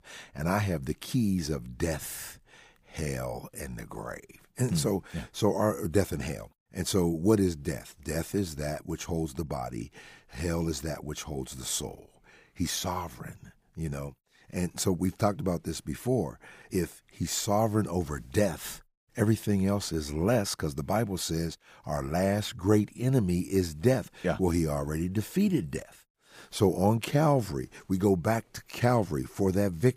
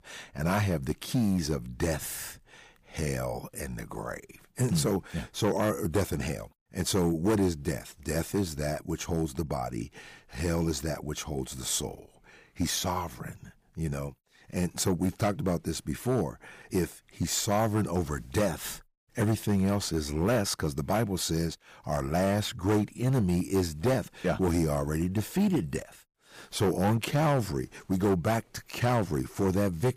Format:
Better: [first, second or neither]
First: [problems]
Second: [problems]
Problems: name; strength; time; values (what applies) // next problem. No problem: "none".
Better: first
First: none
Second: distortion; slight; 5% of the sound clipped